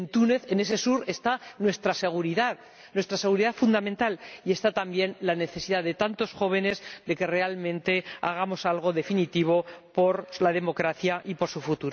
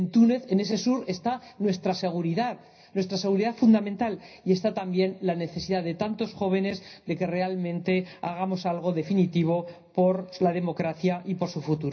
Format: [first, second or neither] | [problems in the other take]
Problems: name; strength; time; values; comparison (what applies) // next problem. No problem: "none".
first | room echo; dies away in 0.4 s